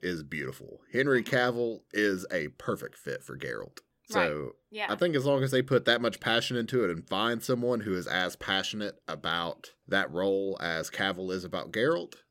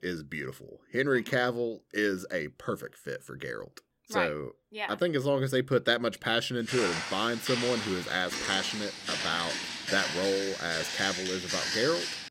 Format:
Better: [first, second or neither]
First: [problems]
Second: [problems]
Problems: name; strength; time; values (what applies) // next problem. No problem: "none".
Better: first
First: none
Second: footsteps; loud; from 6.5 s on; peak 1 dB above the speech